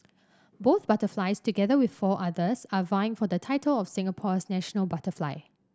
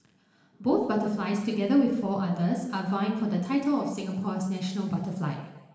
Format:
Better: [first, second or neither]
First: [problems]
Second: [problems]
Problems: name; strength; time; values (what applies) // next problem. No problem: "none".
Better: first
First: none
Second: room echo; dies away in 1.1 s